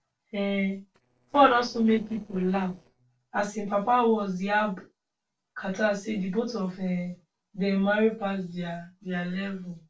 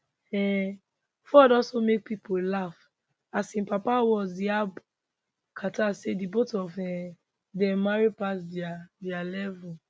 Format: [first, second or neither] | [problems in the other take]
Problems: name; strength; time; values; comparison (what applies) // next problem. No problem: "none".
second | noise reduction (neural separator model SepFormer DNS4)